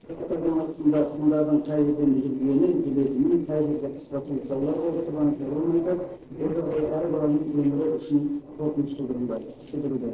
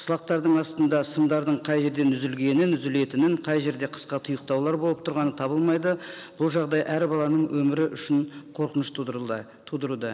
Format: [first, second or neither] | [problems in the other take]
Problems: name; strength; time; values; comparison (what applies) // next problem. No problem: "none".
second | noise reduction (neural separator model SepFormer DNS4)